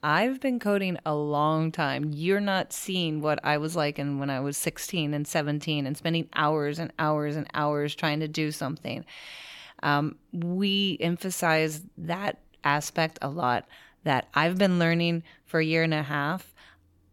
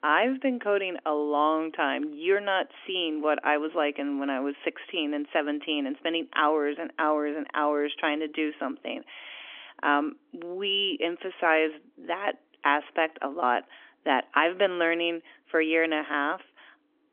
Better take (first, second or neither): first